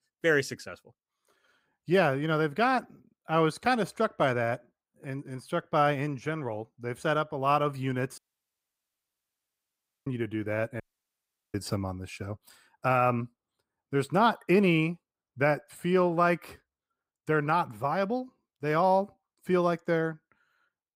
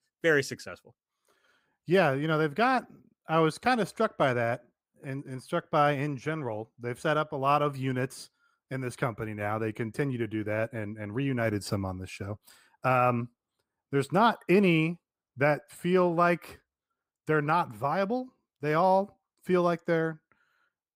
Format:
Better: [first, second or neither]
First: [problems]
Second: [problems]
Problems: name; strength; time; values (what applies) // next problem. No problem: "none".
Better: second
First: audio cutting out; at 8 s for 2 s and at 11 s for 0.5 s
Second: none